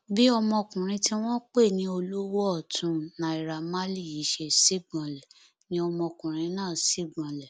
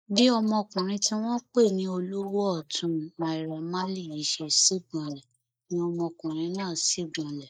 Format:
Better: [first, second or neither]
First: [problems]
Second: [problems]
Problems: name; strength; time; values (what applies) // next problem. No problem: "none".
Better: first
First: none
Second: noise reduction (neural mask model Resemble Enhance denoiser)